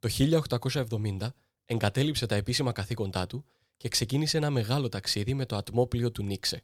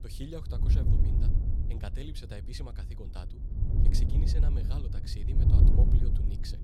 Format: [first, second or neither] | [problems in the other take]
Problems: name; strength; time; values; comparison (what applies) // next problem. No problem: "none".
first | wind noise on the microphone; heavy; 2 dB above the speech